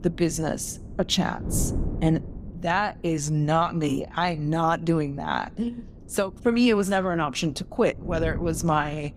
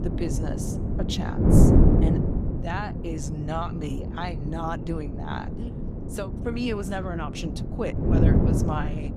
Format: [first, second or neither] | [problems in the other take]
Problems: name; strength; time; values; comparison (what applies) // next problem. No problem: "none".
first | wind noise on the microphone; heavy; 1 dB above the speech; occasional gusts in the first